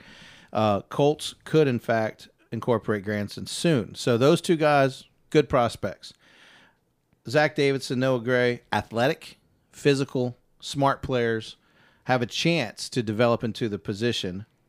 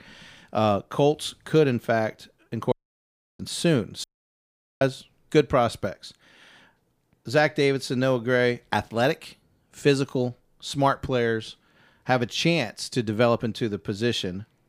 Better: first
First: none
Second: audio cutting out; at 2.5 s for 0.5 s and at 4 s for 1 s

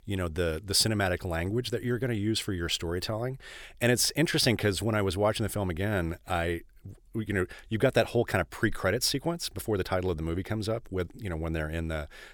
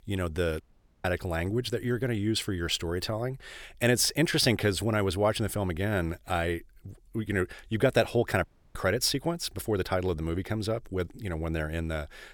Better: first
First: none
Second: audio cutting out; at 0.5 s and at 8.5 s

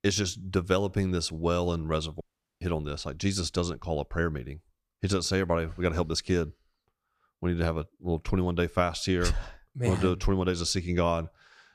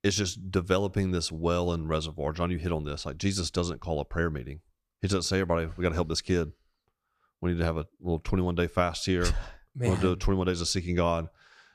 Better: second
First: audio cutting out; at 2 s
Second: none

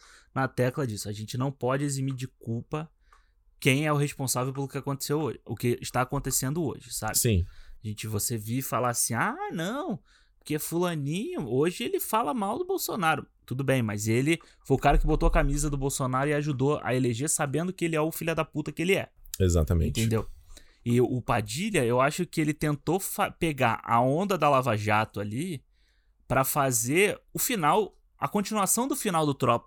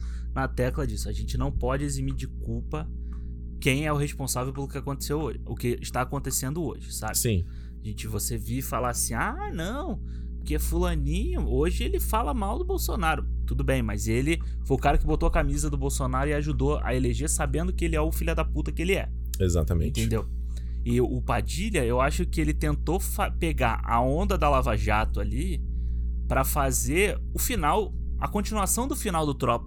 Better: first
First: none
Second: low rumble; faint; throughout; 20 dB below the speech

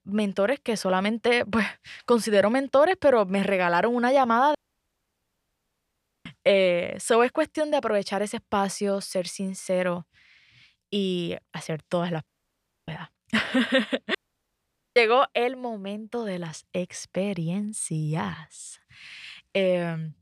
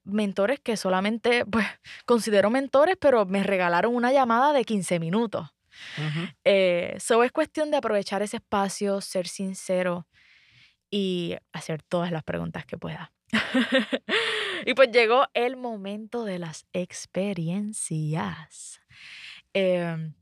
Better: second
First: audio cutting out; at 4.5 s for 1.5 s, at 12 s for 0.5 s and at 14 s for 1 s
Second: none

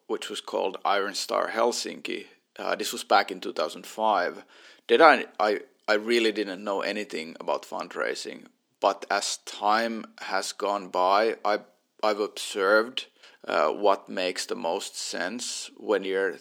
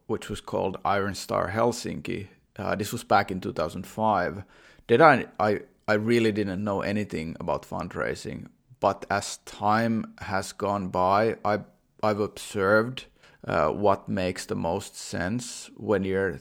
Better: second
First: thin; somewhat; fading below 300 Hz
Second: none

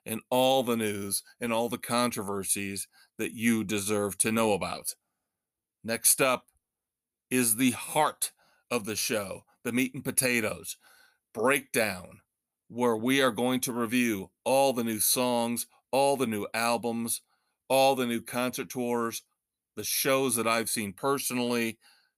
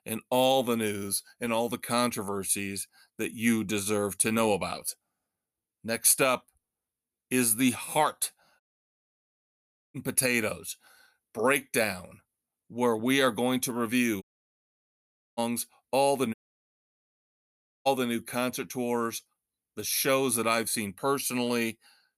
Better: first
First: none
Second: audio cutting out; at 8.5 s for 1.5 s, at 14 s for 1 s and at 16 s for 1.5 s

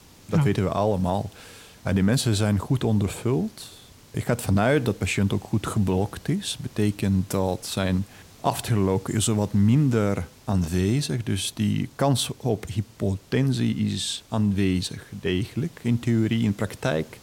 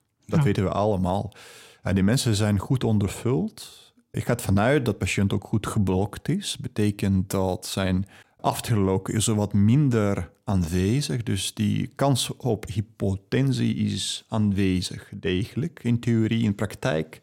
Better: second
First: hiss; faint; throughout; 25 dB below the speech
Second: none

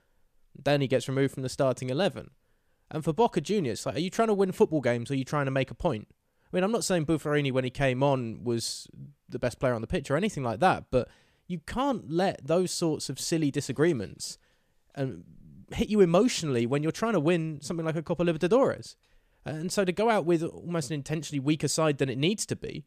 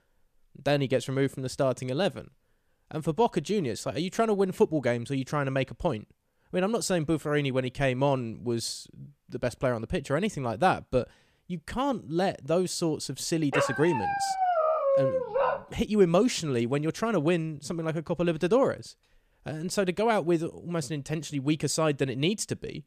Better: first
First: none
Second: dog barking; loud; from 14 to 16 s; peak 3 dB above the speech

